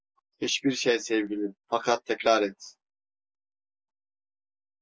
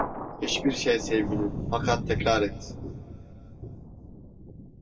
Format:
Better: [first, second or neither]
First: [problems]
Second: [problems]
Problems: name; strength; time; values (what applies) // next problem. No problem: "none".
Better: first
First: none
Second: background sound (Thunder); 4 dB below the speech // room echo; dies away in 2.3 s